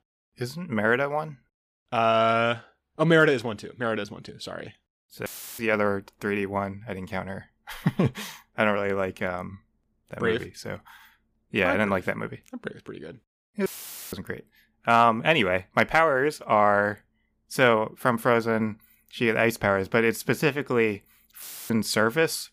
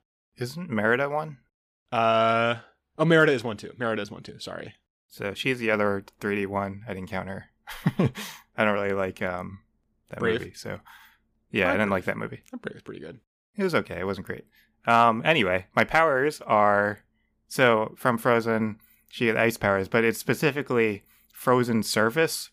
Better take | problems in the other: second | audio cutting out; filled with static; at 5.5 s, at 14 s and at 21 s

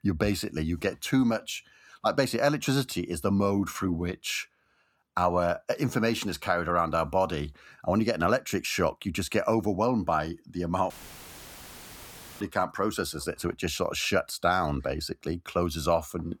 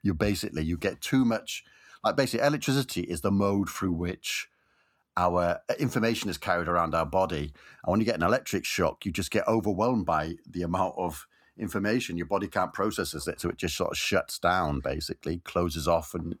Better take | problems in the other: second | audio cutting out; filled with static; at 11 s for 1.5 s

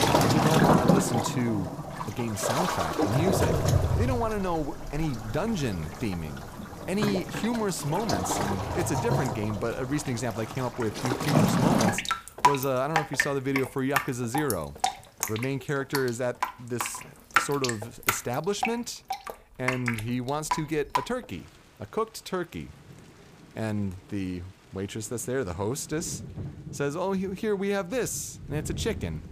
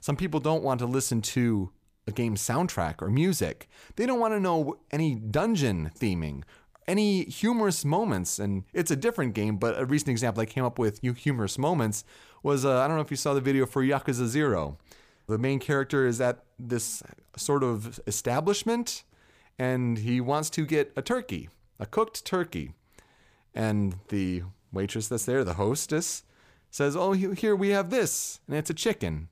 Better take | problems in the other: second | rain or running water; very loud; throughout; 2 dB above the speech

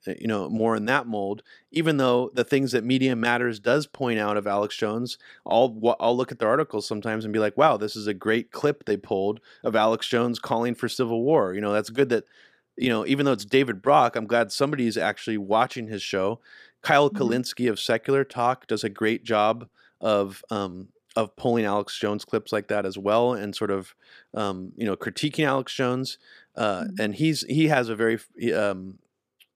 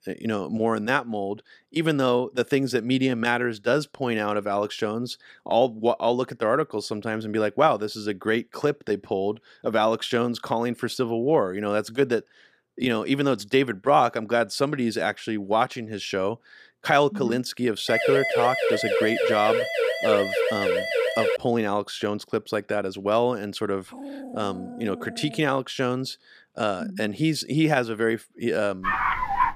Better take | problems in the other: first | siren; loud; from 18 to 21 s; peak 2 dB above the speech // dog barking; faint; from 24 to 25 s; peak 10 dB below the speech // dog barking; loud; at 29 s; peak 2 dB above the speech

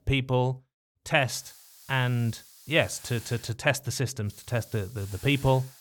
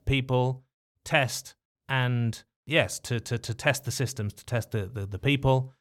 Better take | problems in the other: second | hiss; noticeable; from 1.5 to 3.5 s and from 4.5 s on; 20 dB below the speech

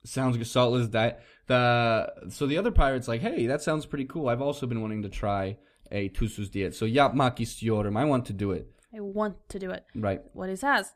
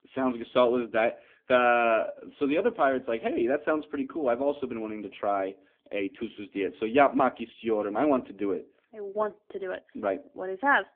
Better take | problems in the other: first | phone-call audio; poor line; nothing above 3.5 kHz

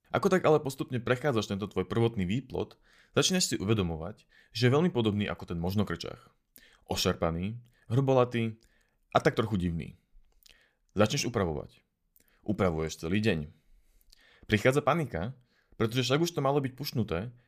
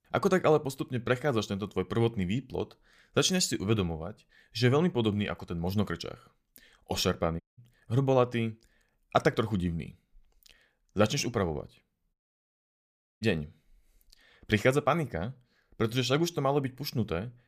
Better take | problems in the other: first | audio cutting out; at 7.5 s and at 12 s for 1 s

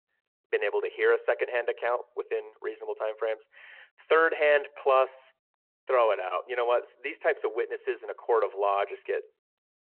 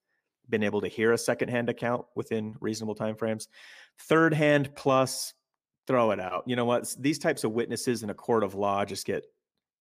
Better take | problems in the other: second | phone-call audio

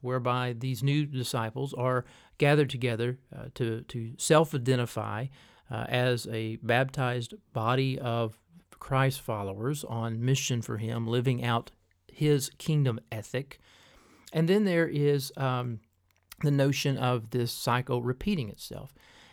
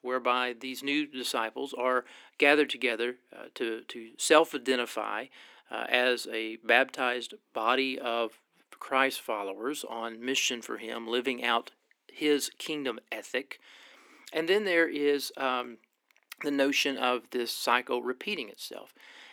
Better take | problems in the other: first | thin; somewhat; fading below 250 Hz

